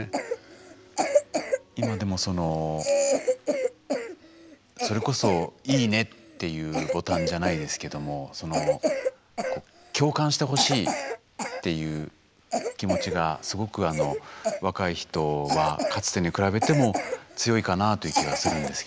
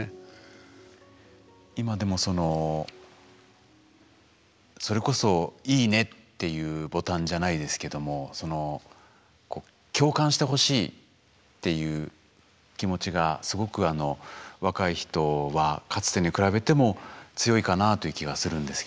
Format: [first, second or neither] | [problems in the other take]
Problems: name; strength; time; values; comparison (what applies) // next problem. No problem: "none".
second | background sound (Cough); 2 dB below the speech